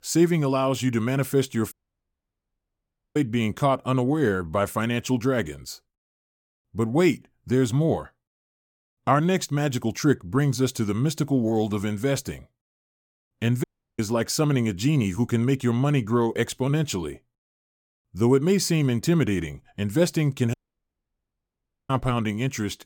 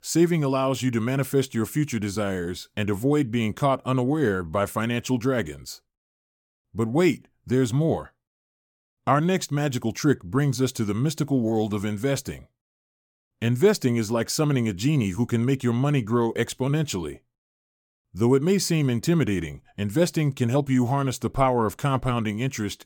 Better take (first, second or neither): second